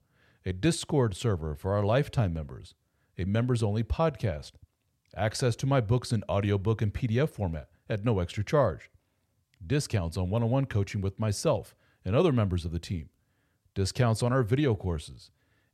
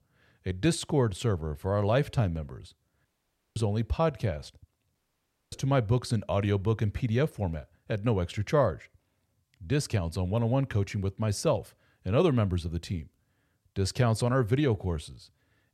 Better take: first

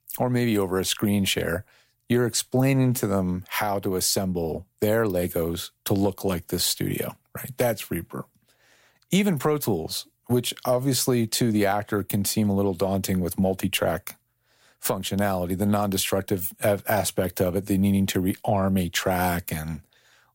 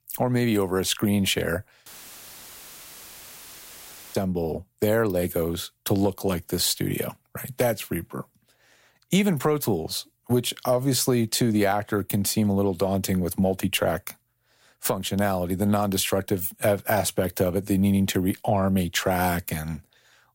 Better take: first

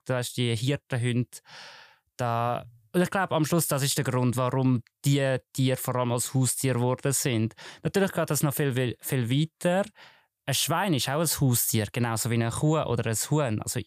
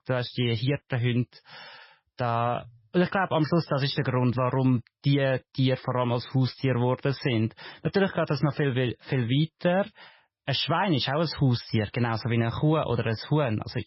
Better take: first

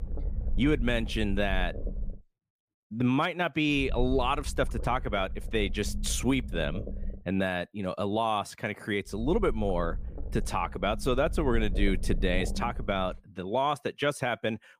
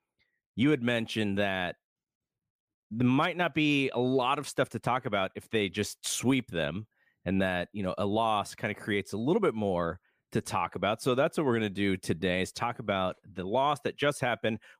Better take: second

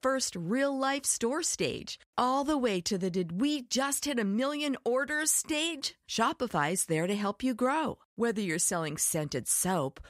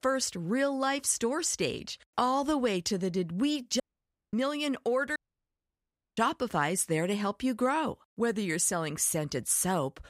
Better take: first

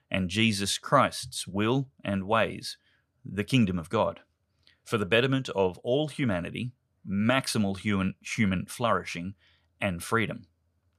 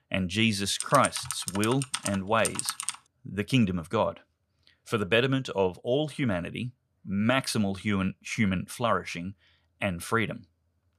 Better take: first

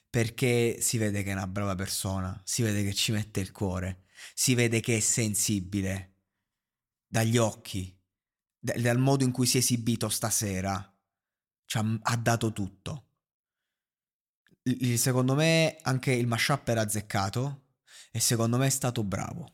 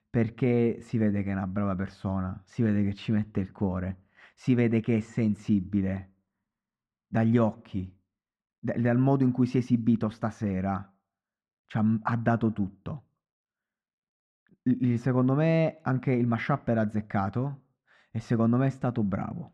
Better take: first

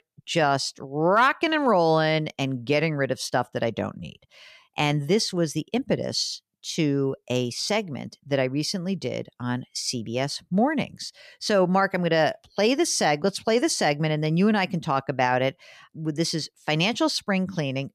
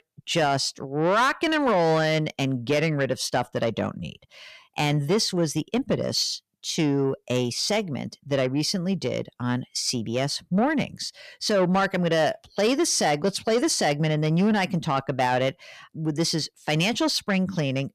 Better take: first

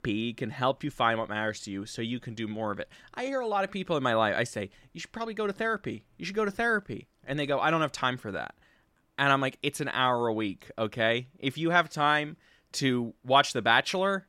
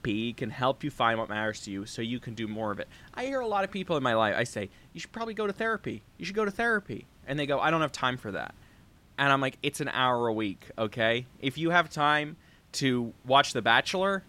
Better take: first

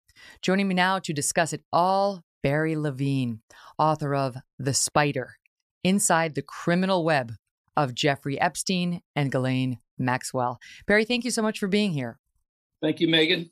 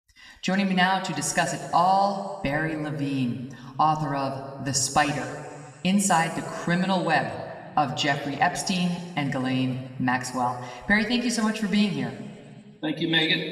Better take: first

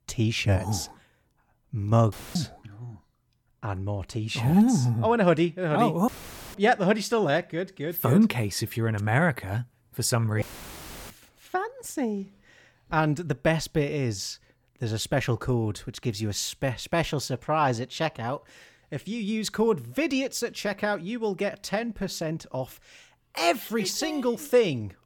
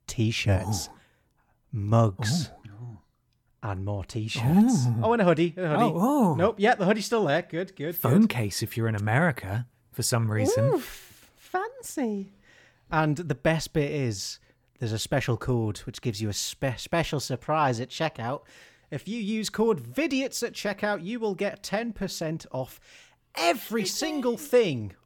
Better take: second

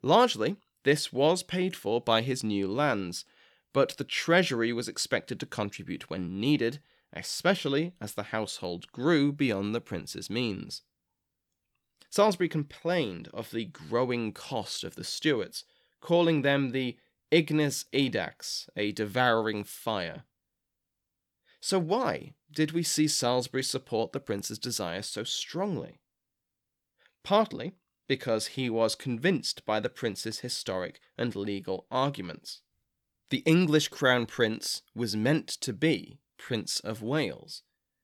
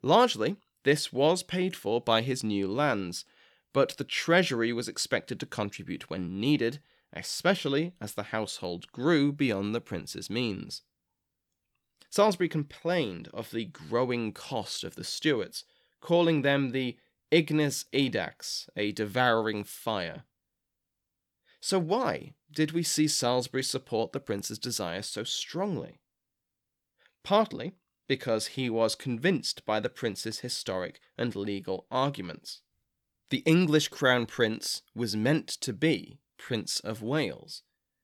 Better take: neither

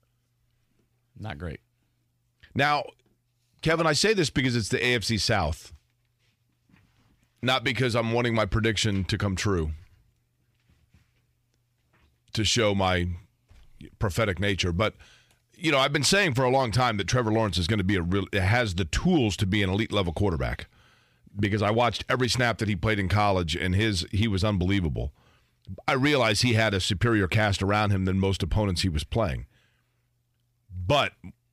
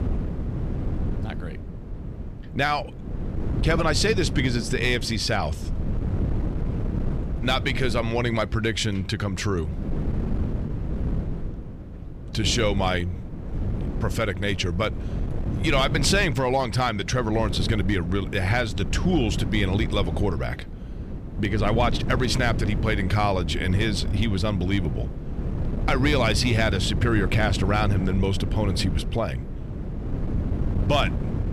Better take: first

